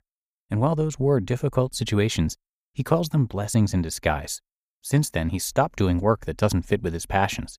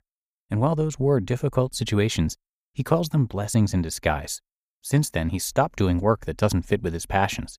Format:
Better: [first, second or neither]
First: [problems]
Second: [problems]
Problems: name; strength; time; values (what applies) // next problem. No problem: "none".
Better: neither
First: none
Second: none